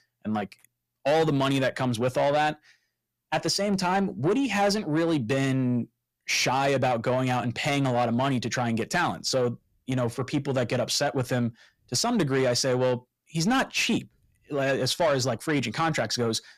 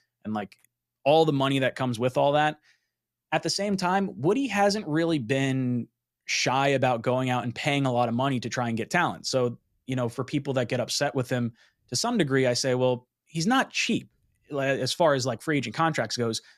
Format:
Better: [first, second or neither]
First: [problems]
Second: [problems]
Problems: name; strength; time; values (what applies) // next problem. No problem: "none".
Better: second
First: distortion; slight; 10 dB below the speech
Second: none